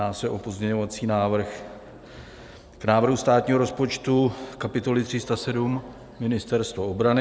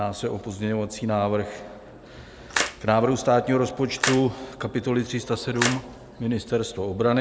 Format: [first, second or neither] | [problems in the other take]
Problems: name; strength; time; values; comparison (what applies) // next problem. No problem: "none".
first | background sound (Splash, splatter); 7 dB below the speech